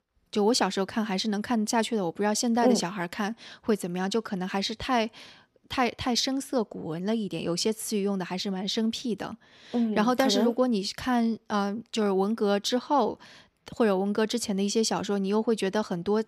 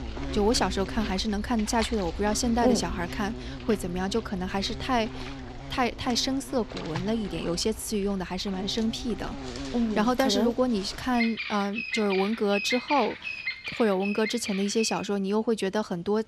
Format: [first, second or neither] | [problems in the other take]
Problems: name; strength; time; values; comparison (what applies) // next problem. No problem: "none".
first | animal sounds; loud; throughout; 9 dB below the speech